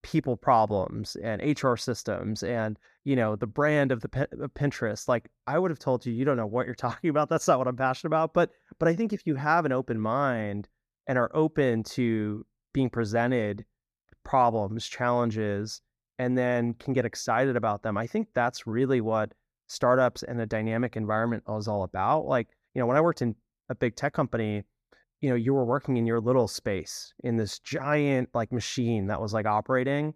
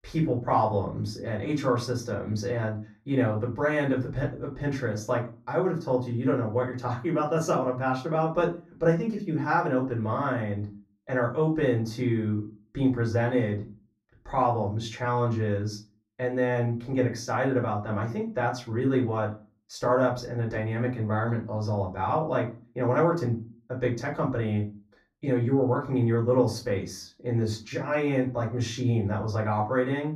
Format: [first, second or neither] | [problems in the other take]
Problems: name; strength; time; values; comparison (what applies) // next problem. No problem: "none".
first | off-mic speech; far // room echo; very slight; dies away in 0.3 s